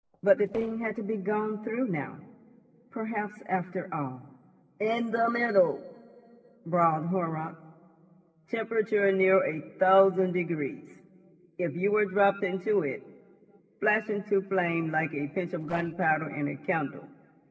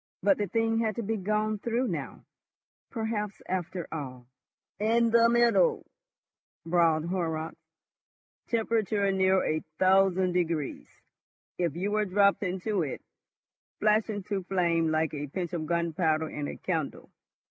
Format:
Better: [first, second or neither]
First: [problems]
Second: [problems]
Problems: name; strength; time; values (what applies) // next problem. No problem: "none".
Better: second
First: noise reduction (neural separator model SepFormer DNS4)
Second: none